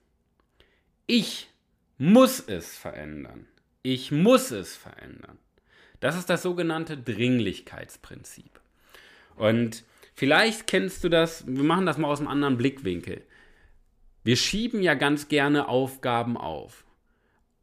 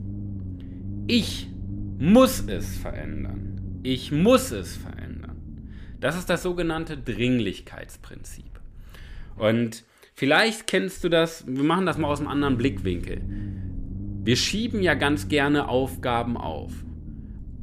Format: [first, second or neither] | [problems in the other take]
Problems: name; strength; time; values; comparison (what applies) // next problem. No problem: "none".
first | low rumble; faint; until 9.5 s and from 12 s on; 20 dB below the speech